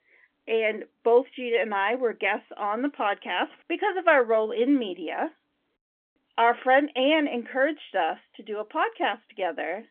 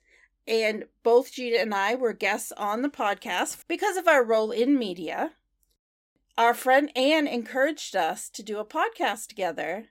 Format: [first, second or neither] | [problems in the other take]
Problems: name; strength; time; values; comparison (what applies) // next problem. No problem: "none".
second | phone-call audio; nothing above 3 kHz